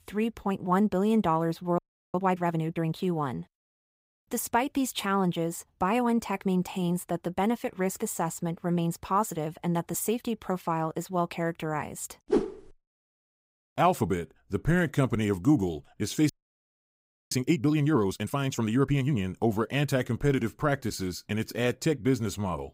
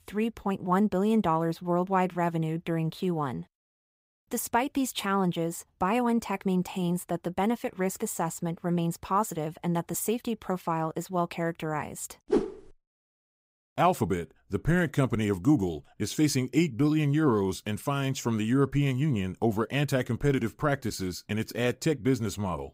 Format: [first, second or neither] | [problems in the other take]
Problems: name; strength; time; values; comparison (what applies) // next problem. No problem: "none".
second | audio freezing; at 2 s and at 16 s for 1 s